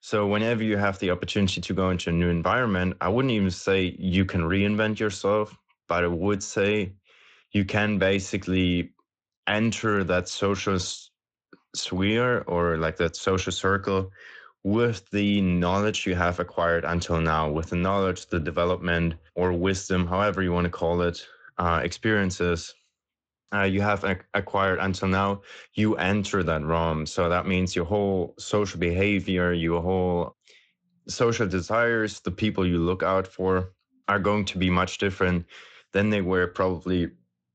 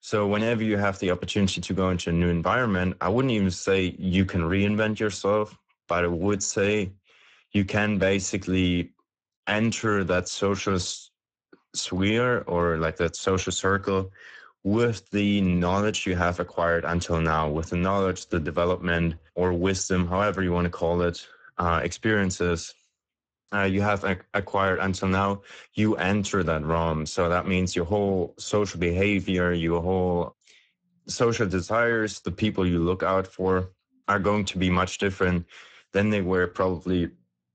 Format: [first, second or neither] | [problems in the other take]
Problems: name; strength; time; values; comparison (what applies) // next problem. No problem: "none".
first | garbled, watery; badly; nothing above 7.5 kHz; slightly in the first